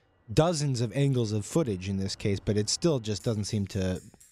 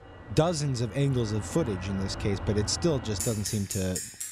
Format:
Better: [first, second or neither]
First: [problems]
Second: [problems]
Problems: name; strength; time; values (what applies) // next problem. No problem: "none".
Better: first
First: traffic noise; faint; throughout; 30 dB below the speech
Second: traffic noise; loud; throughout; 8 dB below the speech